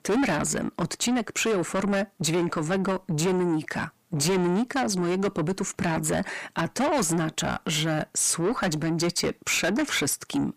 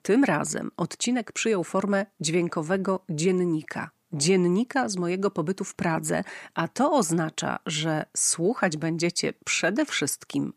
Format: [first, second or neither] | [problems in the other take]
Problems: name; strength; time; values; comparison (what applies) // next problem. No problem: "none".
second | distortion; heavy; 8 dB below the speech